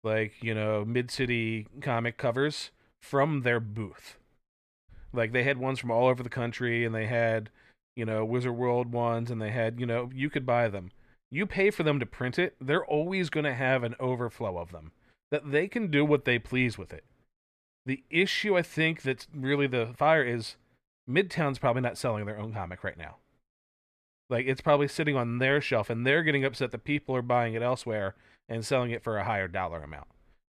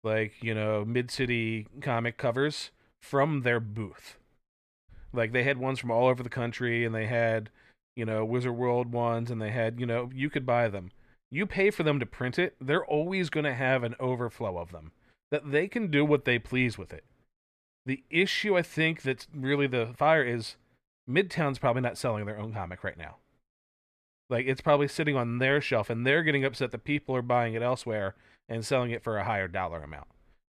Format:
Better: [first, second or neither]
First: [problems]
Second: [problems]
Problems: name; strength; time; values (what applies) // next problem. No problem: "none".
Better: neither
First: none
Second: none